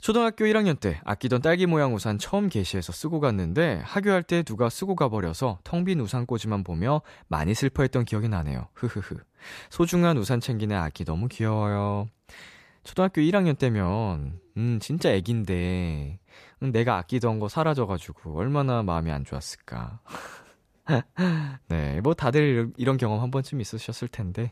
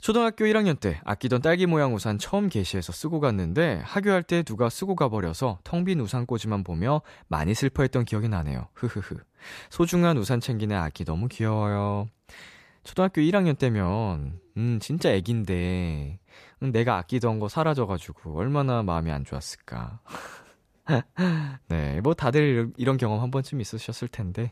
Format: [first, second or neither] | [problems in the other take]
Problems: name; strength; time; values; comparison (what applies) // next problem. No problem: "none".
neither | none